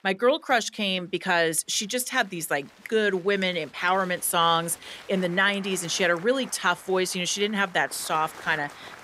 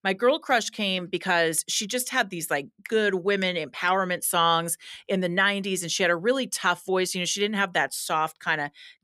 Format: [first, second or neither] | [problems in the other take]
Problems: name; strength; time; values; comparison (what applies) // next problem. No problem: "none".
second | crowd noise; faint; throughout; 20 dB below the speech